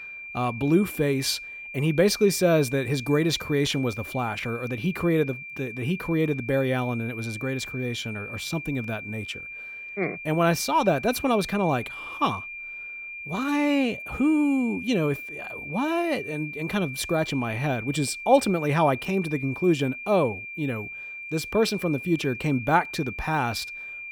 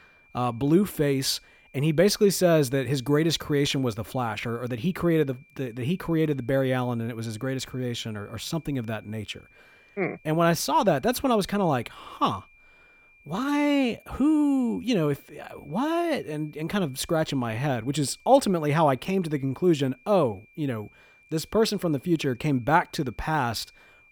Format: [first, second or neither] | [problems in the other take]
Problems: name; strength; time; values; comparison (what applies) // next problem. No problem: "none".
second | high-pitched whine; loud; throughout; 2.5 kHz, 10 dB below the speech; faint in the second